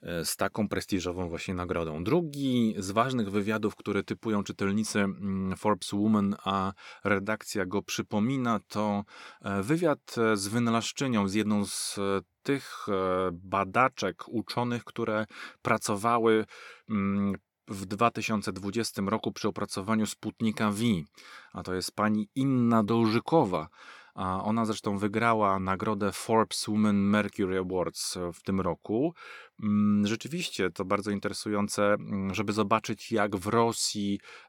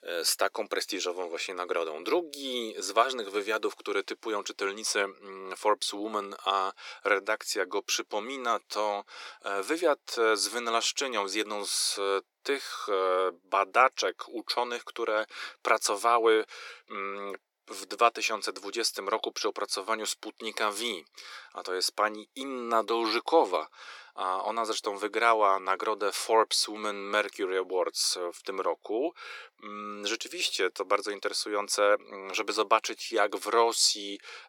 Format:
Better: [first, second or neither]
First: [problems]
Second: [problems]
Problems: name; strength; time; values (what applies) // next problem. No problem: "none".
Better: first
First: none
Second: thin; very; fading below 350 Hz